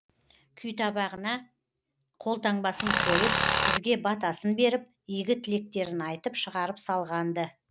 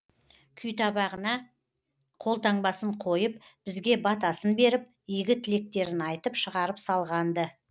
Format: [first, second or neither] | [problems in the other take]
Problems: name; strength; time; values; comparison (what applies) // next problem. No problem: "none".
second | background sound (Tools); 4 dB above the speech